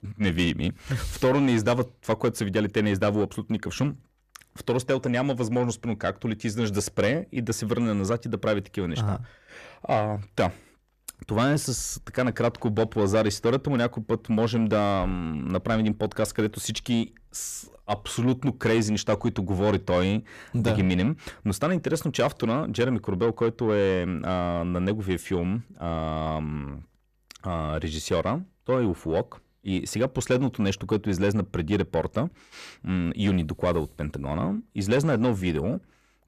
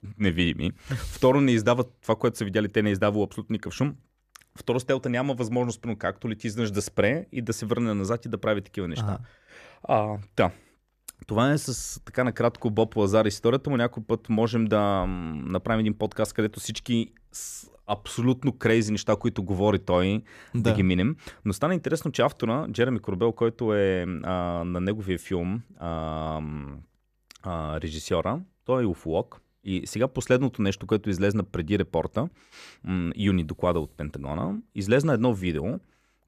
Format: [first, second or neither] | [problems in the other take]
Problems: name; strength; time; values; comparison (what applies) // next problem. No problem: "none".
second | distortion; slight; 10 dB below the speech